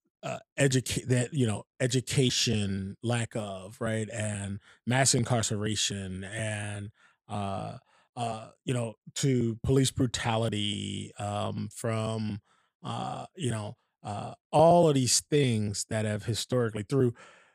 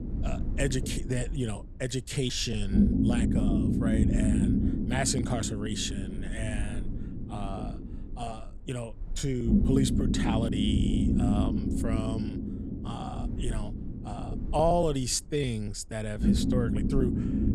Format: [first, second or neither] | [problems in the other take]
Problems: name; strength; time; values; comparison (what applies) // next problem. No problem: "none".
first | low rumble; loud; throughout; 2 dB below the speech